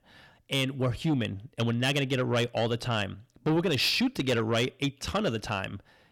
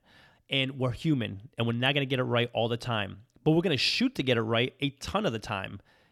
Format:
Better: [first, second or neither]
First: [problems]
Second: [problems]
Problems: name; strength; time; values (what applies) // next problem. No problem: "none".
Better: second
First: distortion; slight; 10 dB below the speech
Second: none